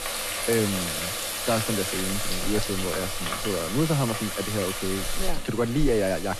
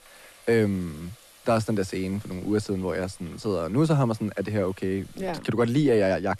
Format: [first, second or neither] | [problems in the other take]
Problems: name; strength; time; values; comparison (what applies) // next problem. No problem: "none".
second | household noises; loud; throughout; 1 dB below the speech; faint in the second